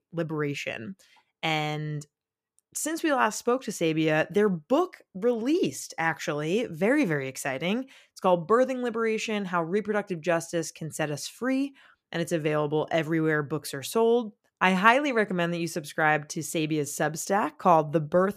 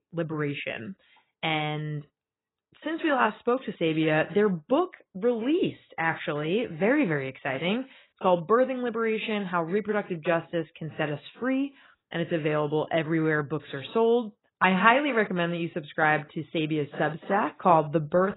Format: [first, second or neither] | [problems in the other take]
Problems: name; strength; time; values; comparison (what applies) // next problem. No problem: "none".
first | garbled, watery; badly; nothing above 4 kHz